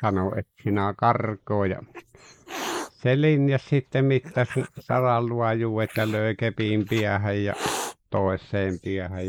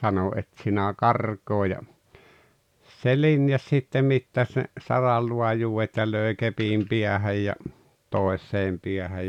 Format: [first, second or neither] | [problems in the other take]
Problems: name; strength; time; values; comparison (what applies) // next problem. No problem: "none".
second | noise reduction (neural mask model Resemble Enhance denoiser)